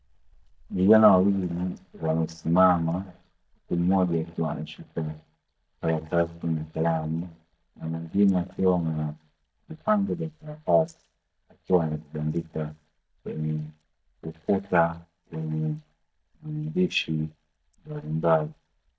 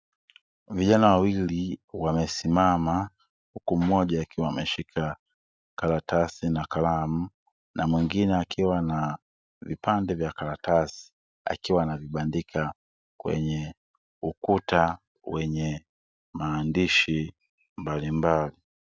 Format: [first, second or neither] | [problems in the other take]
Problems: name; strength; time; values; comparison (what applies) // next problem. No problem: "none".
second | noise reduction (neural mask model DeepFilterNet 3)